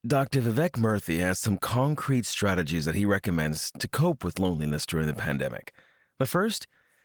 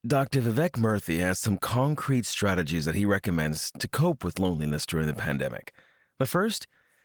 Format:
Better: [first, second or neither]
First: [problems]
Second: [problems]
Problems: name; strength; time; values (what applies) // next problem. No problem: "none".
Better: neither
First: garbled, watery; slightly; nothing above 19 kHz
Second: garbled, watery; slightly; nothing above 19 kHz